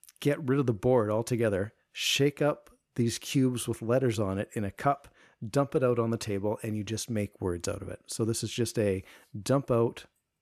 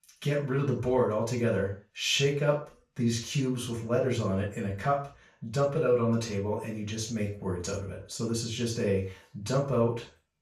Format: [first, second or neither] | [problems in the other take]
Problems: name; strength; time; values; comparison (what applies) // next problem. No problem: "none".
first | room echo; noticeable; dies away in 0.3 s // off-mic speech; far